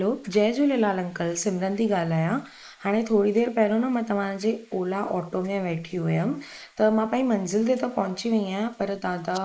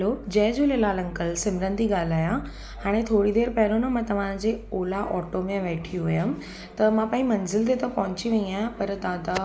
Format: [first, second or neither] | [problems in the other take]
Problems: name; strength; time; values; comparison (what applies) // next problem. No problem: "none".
second | noise reduction (neural mask model Resemble Enhance denoiser)